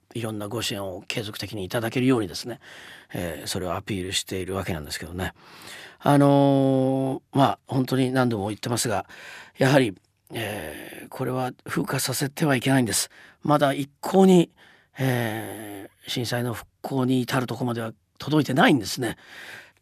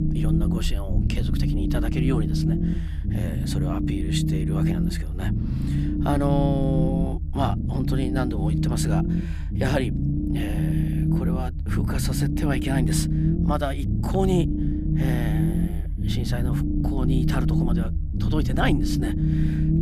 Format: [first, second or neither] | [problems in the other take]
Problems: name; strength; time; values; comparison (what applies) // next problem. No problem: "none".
first | low rumble; loud; throughout; 2 dB below the speech